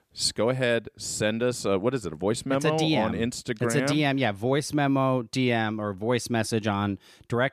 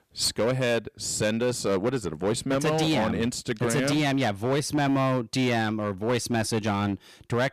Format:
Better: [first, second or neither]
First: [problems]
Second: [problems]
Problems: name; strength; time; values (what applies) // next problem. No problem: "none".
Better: first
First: none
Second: distortion; slight; 13% of the sound clipped